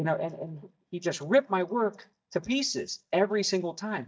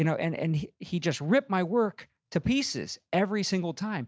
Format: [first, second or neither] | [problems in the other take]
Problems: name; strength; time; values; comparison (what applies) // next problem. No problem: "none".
second | noise reduction (neural mask model DeepFilterNet 3)